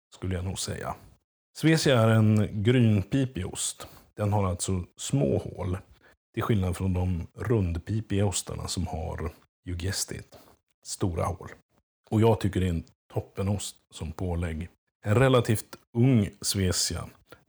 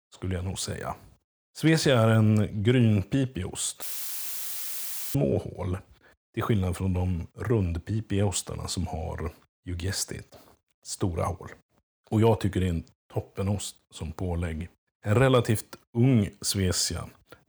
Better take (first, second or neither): first